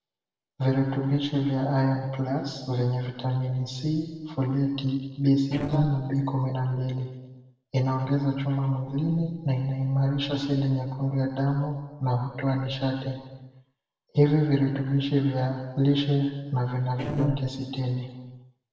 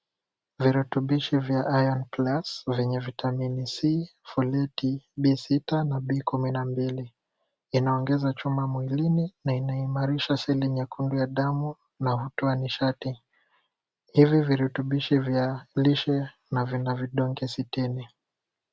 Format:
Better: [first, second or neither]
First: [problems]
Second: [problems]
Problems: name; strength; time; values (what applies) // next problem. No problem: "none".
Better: second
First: noise reduction (neural separator model SepFormer DNS4)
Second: none